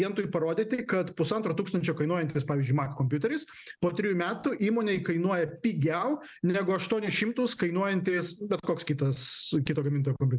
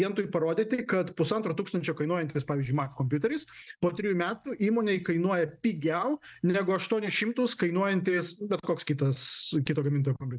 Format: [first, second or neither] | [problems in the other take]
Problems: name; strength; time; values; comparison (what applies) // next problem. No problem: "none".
first | noise reduction (neural mask model DeepFilterNet 3)